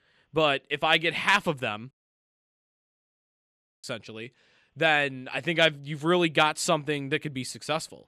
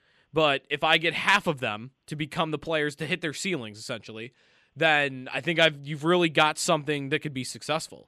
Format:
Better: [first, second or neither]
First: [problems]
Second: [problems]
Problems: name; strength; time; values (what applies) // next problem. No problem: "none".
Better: second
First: audio cutting out; at 2 s for 2 s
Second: none